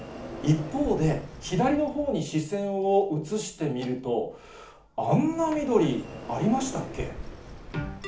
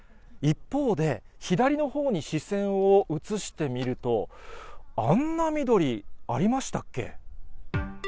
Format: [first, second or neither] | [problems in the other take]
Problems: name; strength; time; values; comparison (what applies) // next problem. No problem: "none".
second | background sound (Sliding door); 14 dB below the speech // room echo; dies away in 0.4 s